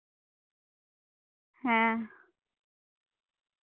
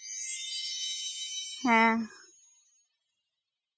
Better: first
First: none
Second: noise reduction (classical method Wiener filter)

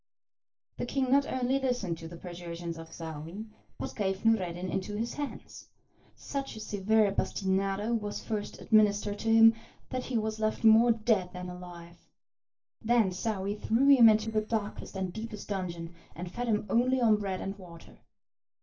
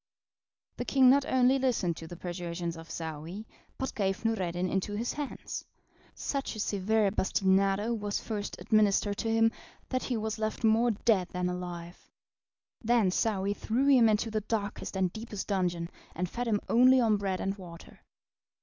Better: second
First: noise reduction (neural separator model SepFormer DNS4)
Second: none

